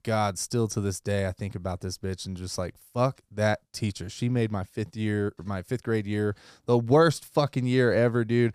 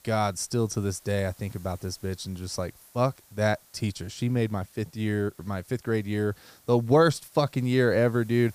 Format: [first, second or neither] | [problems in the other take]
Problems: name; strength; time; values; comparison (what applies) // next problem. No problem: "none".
first | hiss; faint; throughout; 25 dB below the speech